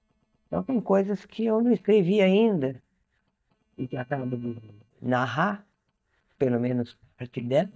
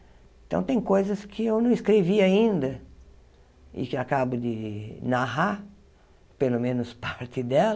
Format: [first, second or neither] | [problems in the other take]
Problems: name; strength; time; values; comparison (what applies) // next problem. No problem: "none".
second | noise reduction (neural mask model DeepFilterNet 3)